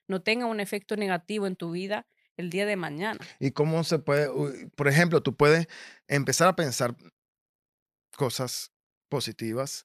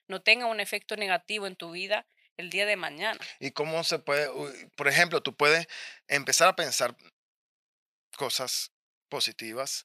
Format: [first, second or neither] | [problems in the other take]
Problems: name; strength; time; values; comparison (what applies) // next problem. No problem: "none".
first | thin; somewhat; fading below 1 kHz